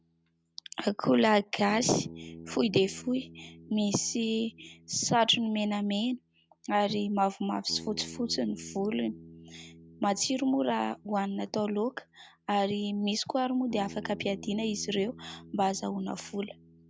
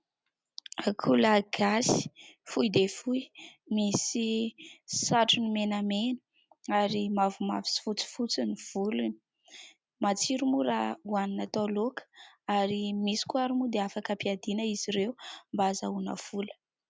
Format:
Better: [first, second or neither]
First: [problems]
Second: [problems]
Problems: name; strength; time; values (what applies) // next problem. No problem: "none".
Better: second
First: background sound (Bass guitar); 19 dB below the speech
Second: none